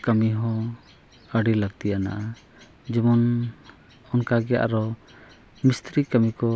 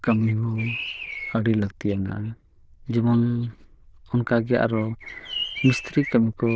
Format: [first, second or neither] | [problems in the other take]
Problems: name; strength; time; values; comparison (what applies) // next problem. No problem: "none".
first | noise reduction (neural diffusion model UNIVERSE++)